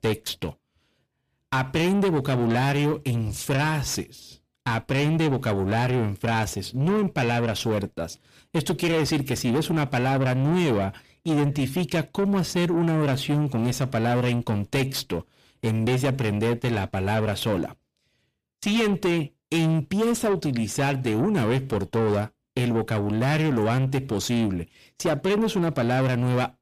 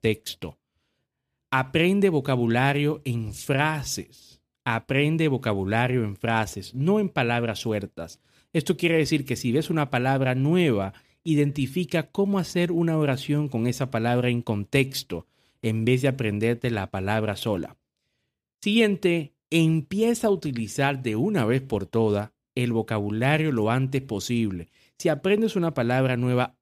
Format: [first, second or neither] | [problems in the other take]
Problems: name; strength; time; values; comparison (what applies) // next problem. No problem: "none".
second | distortion; heavy; 7 dB below the speech